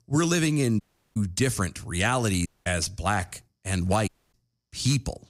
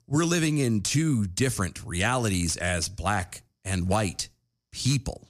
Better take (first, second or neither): second